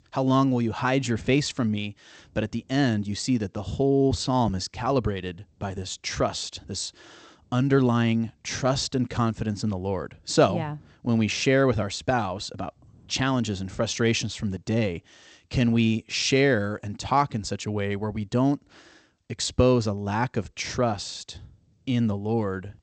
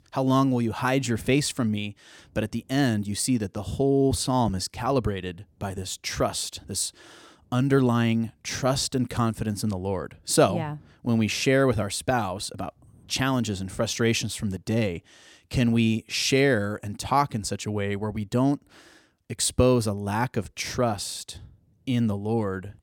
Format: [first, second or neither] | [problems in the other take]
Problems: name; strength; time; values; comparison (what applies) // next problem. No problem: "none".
second | garbled, watery; slightly; nothing above 8 kHz